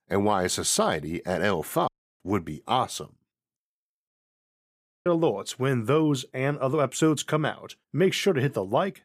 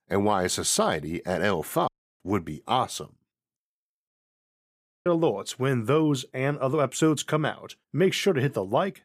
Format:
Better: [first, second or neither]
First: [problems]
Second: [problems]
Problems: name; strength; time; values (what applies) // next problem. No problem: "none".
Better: neither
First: audio cutting out; at 2 s and at 4 s for 1 s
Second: audio cutting out; at 2 s and at 4 s for 1 s